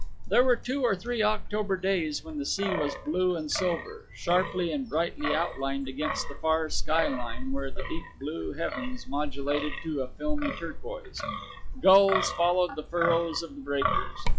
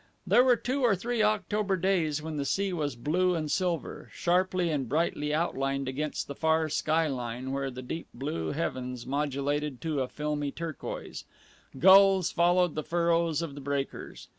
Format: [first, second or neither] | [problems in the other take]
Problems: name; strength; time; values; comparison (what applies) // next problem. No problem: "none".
second | noise reduction (classical method log-MMSE)